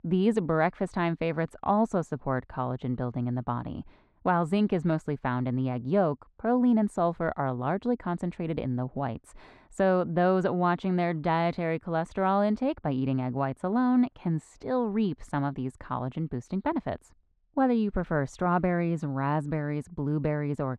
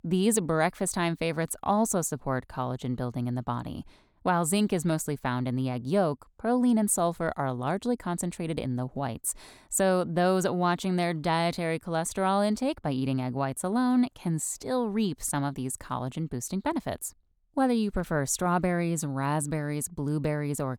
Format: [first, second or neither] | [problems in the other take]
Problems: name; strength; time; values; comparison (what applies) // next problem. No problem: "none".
second | muffled; very; fading above 2 kHz